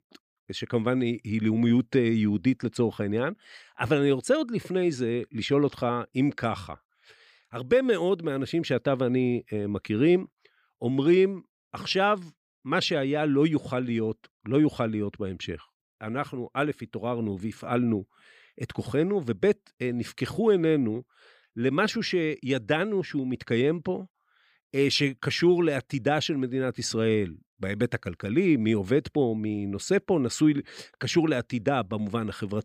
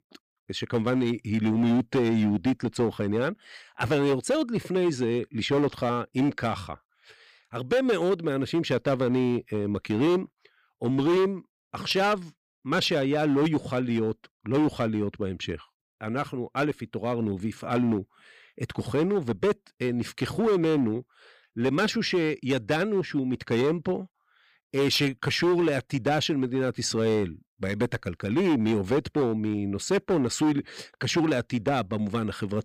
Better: first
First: none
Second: distortion; slight; 8% of the sound clipped

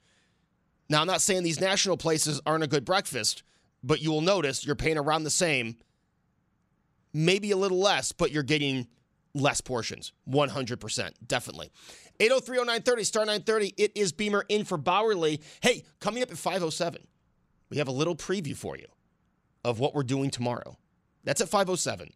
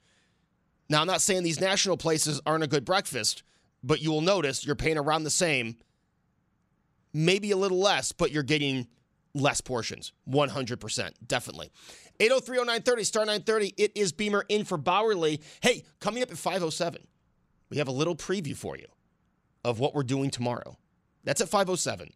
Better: neither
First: none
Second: none

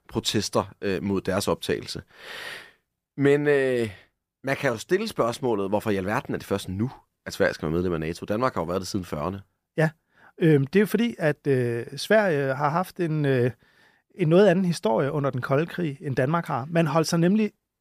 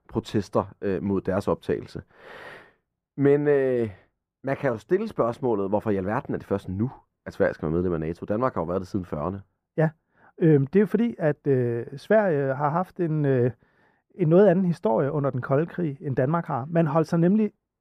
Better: first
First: none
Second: muffled; very; fading above 2 kHz

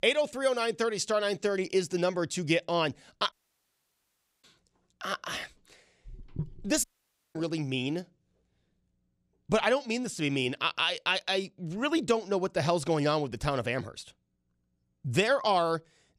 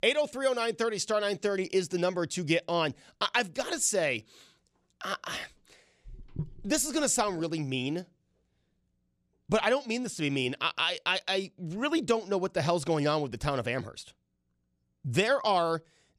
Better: second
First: audio cutting out; at 3.5 s for 1 s and at 7 s for 0.5 s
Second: none

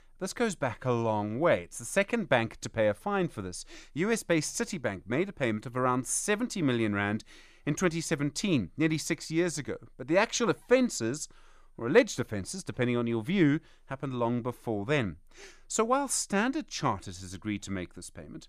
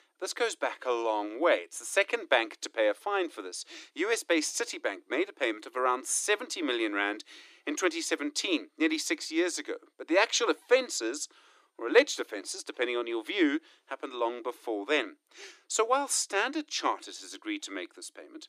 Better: first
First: none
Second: thin; somewhat; fading below 300 Hz

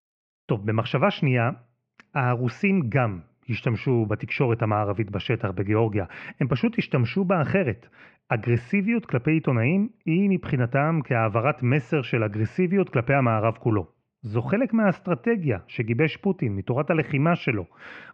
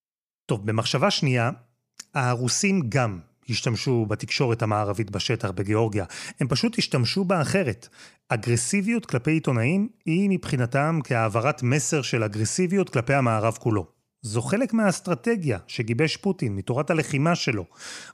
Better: second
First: muffled; very; fading above 2.5 kHz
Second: none

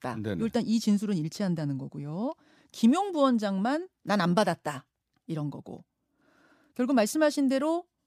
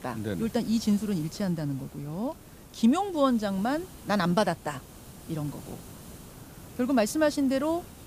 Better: first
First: none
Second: hiss; noticeable; throughout; 20 dB below the speech

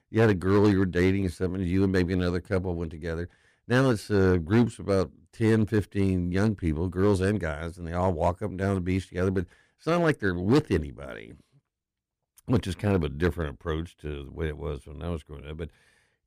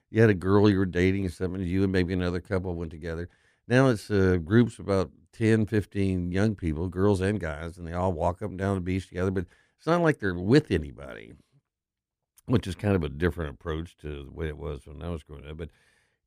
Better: second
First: distortion; slight; 2% of the sound clipped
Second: none

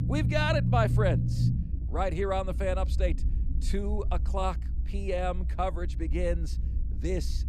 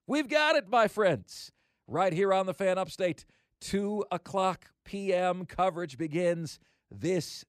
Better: second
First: low rumble; noticeable; throughout; 15 dB below the speech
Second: none

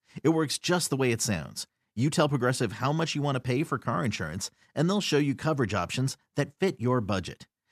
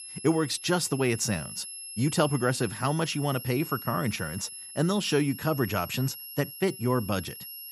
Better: first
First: none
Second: high-pitched whine; noticeable; throughout; 11.5 kHz, 10 dB below the speech

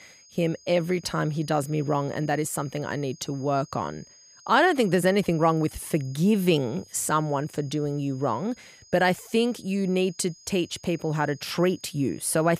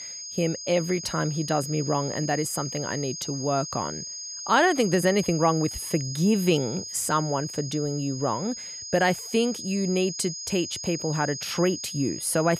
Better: first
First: high-pitched whine; faint; throughout; 6.5 kHz, 25 dB below the speech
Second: high-pitched whine; loud; throughout; 6.5 kHz, 8 dB below the speech

